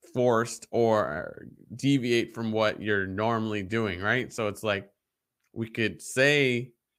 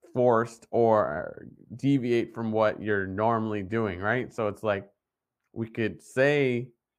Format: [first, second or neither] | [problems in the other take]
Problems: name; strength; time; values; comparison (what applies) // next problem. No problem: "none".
first | muffled; slightly; fading above 2 kHz